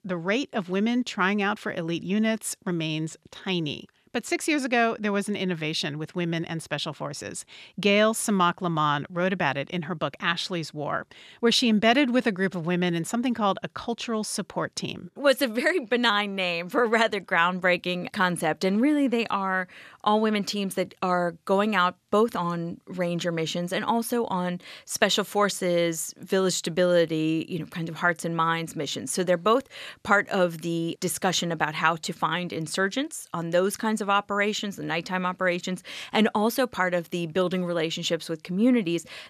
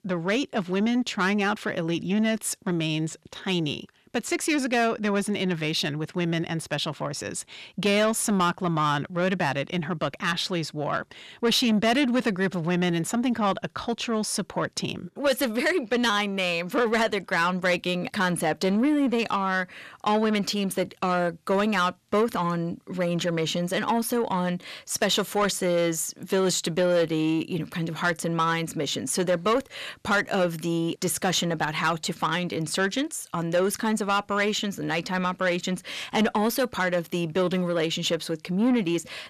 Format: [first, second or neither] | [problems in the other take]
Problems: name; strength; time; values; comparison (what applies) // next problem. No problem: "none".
first | distortion; slight; 10 dB below the speech